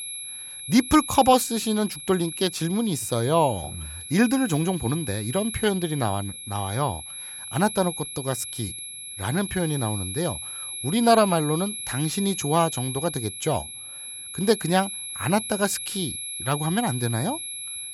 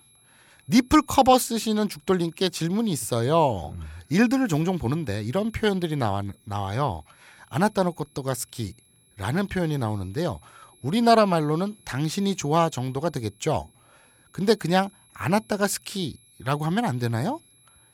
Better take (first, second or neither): second